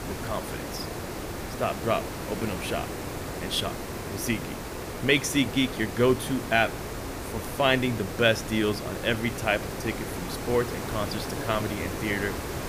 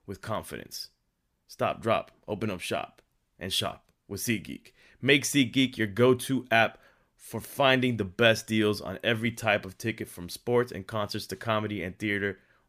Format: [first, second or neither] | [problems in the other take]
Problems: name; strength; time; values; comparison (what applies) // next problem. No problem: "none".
second | hiss; loud; throughout; 7 dB below the speech